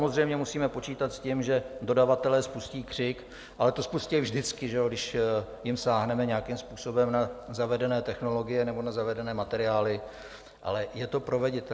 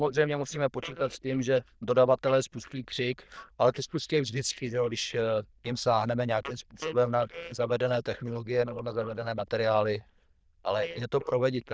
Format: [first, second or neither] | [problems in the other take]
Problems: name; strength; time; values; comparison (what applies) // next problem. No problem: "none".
first | noise reduction (neural diffusion model UNIVERSE++)